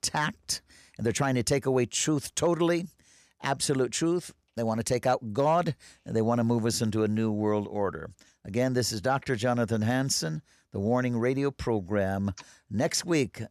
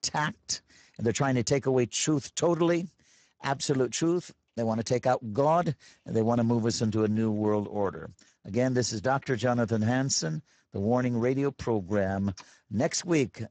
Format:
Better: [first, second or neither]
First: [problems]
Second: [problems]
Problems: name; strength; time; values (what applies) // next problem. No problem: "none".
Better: first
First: none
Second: garbled, watery; badly; nothing above 7.5 kHz